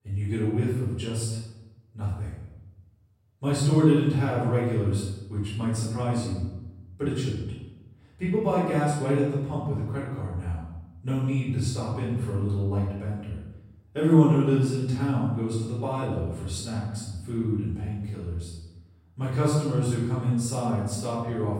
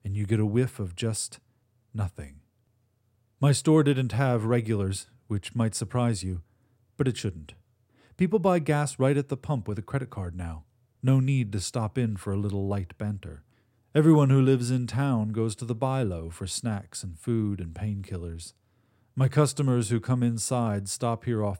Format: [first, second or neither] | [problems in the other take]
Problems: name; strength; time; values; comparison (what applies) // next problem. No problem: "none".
second | off-mic speech; far // room echo; noticeable; dies away in 0.9 s